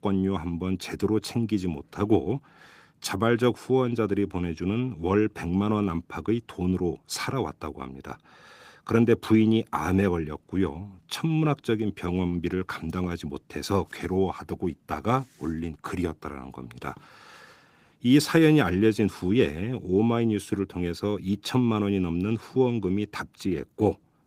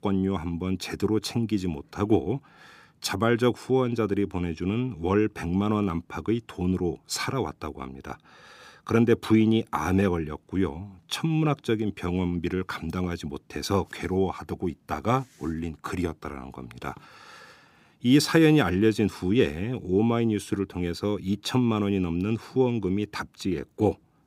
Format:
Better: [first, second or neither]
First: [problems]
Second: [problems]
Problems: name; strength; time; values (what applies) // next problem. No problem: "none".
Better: second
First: garbled, watery; slightly; nothing above 15.5 kHz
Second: none